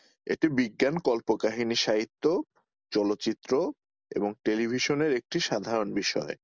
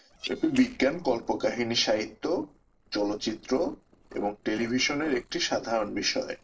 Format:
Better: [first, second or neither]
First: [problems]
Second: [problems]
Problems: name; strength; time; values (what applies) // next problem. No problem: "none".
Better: first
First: none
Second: noise reduction (neural separator model SepFormer DNS4)